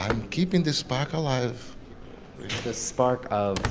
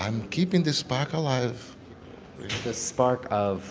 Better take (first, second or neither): second